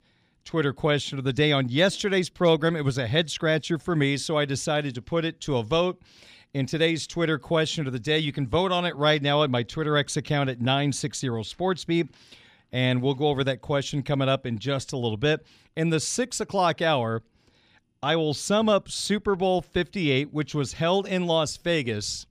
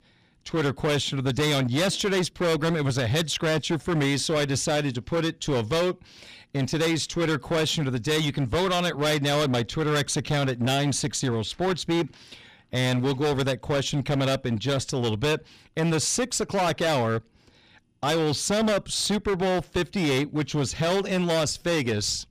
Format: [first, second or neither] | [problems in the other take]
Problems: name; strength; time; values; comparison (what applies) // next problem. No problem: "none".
first | distortion; heavy; 20% of the sound clipped